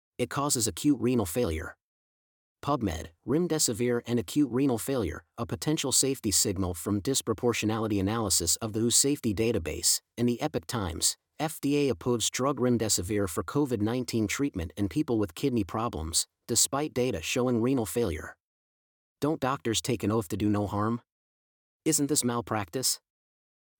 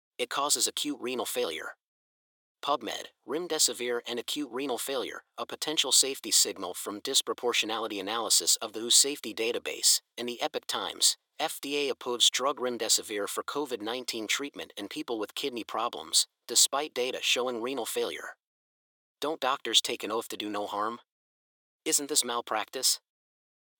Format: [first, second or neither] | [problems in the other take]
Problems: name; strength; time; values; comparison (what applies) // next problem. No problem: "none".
first | thin; somewhat; fading below 600 Hz